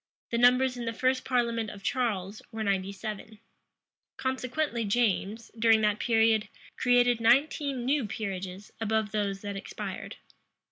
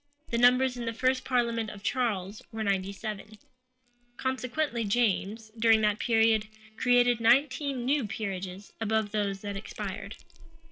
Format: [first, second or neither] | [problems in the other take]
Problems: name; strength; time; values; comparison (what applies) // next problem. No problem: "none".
first | noise reduction (neural separator model SepFormer DNS4)